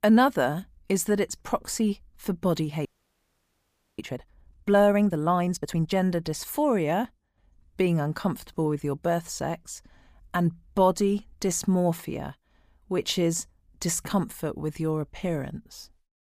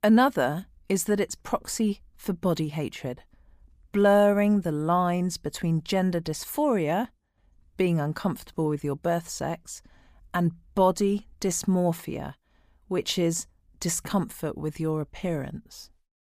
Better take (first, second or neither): second